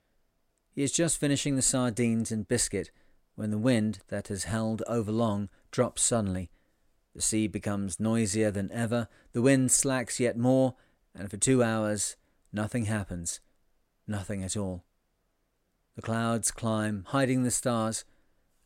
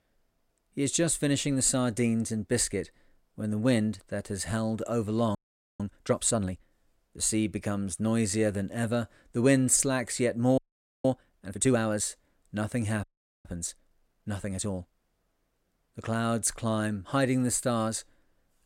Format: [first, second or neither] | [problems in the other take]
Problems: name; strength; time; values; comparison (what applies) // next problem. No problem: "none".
first | audio freezing; at 5.5 s, at 11 s and at 13 s